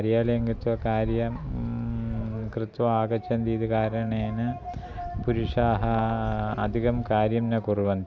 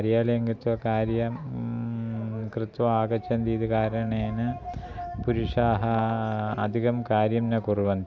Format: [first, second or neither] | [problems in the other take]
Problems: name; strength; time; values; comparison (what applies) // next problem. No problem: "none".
second | background sound (Wind); 11 dB below the speech